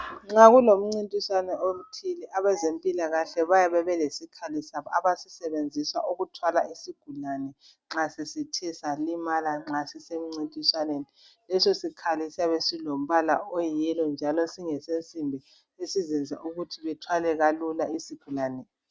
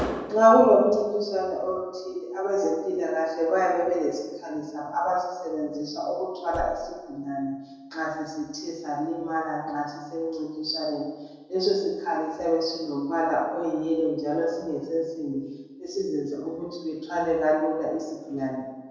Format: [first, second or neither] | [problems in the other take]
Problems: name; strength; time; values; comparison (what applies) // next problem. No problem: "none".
first | background sound (Slam / Car); 16 dB below the speech // room echo; dies away in 1.2 s